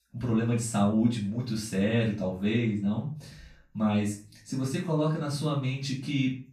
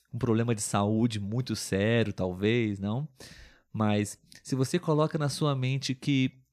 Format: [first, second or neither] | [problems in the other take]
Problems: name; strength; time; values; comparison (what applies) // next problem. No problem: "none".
second | room echo; slight; dies away in 0.4 s // off-mic speech; far